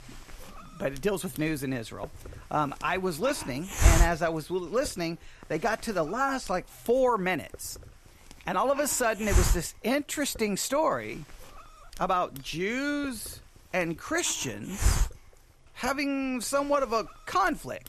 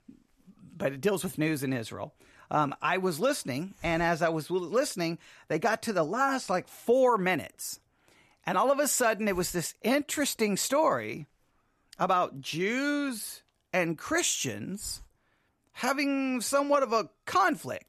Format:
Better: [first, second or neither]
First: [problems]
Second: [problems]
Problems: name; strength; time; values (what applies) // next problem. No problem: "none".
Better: second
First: hiss; loud; throughout; 1 dB below the speech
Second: hiss; faint; throughout; 25 dB below the speech